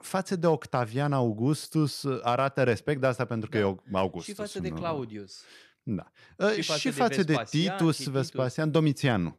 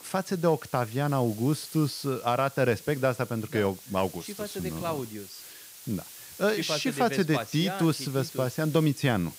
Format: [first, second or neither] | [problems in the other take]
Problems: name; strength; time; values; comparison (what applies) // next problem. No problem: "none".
first | hiss; noticeable; throughout; 15 dB below the speech